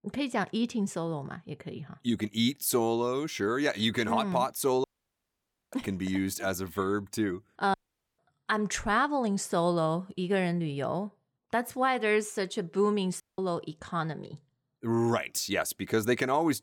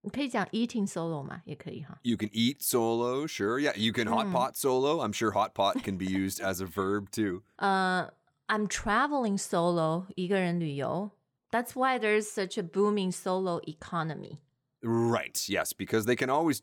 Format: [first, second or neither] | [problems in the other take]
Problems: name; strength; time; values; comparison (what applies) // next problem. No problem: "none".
second | audio cutting out; at 5 s for 1 s, at 7.5 s and at 13 s